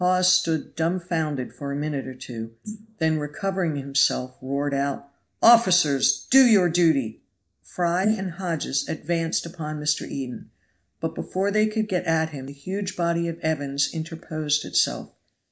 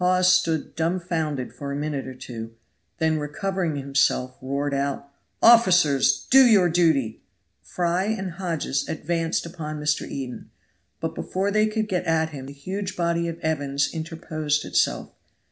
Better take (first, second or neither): second